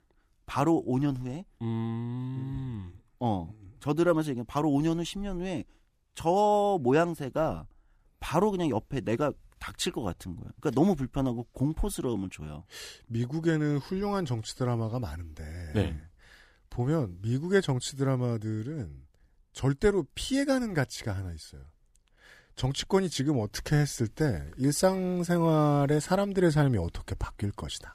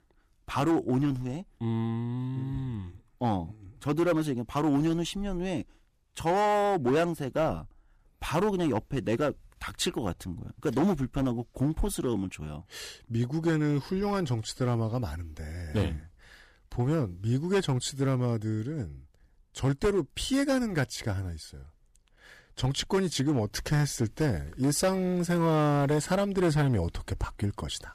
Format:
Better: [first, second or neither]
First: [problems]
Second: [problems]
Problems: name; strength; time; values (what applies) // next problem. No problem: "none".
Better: first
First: none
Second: distortion; slight; 5% of the sound clipped